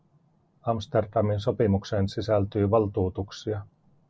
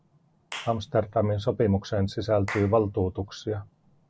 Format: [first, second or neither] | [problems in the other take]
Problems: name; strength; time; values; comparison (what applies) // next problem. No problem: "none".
first | background sound (Clapping / Chirp, tweet); 18 dB below the speech